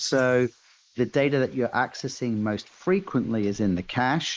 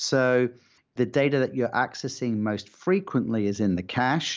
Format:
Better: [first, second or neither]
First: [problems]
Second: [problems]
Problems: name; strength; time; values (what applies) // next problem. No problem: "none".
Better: second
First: noise reduction (neural mask model Resemble Enhance denoiser)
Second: none